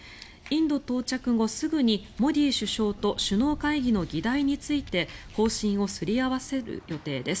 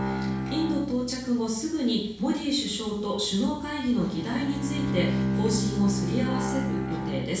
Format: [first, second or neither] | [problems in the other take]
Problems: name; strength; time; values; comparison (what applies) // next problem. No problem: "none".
first | background sound (Bowed string instrument); 3 dB below the speech // room echo; dies away in 0.7 s